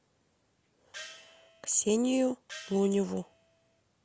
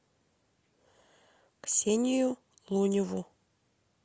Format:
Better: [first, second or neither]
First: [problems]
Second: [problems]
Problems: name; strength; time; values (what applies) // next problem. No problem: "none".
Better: second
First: background sound (Gong); 18 dB below the speech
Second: none